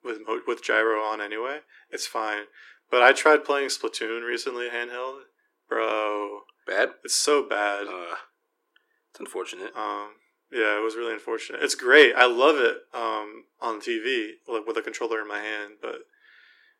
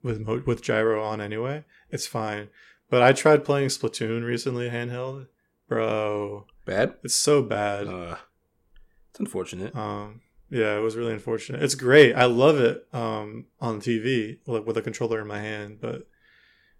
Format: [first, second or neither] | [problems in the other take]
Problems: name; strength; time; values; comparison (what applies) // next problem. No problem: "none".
second | thin; very; fading below 300 Hz